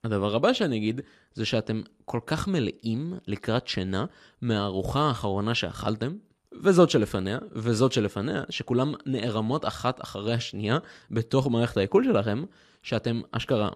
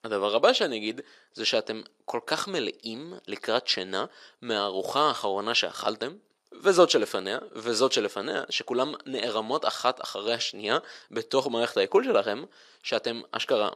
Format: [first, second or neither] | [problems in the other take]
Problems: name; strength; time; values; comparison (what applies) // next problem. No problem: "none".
first | thin; somewhat; fading below 500 Hz